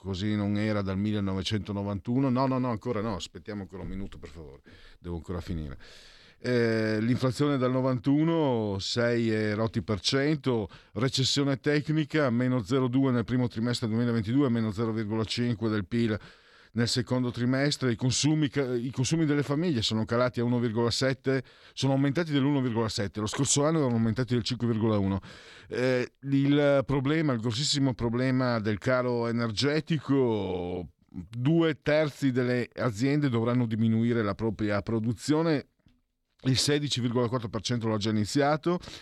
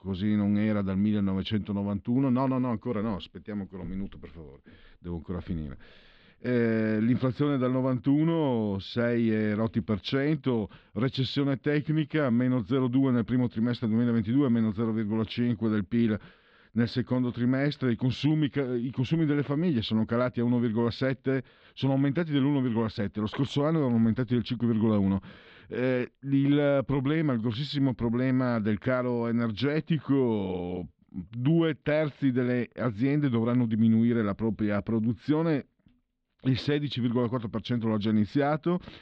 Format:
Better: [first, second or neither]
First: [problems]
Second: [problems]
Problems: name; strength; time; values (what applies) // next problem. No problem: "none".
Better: first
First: none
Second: muffled; slightly; fading above 3.5 kHz